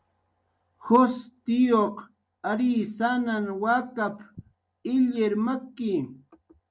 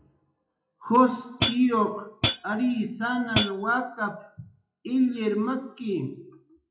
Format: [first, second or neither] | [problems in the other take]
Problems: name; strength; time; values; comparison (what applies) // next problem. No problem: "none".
first | noise reduction (classical method WPE with log-MMSE)